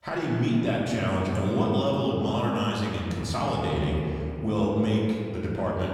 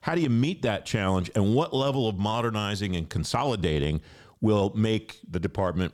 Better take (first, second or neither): second